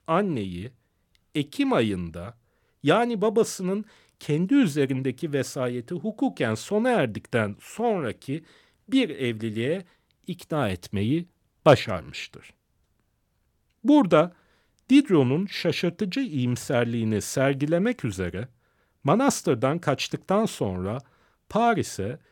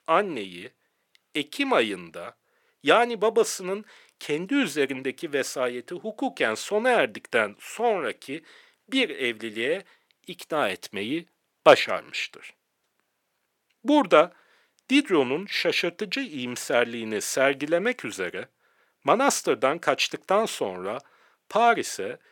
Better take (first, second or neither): first